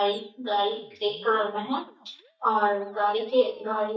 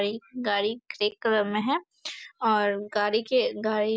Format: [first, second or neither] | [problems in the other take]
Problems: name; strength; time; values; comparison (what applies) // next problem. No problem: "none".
second | noise reduction (neural mask model DeepFilterNet 3)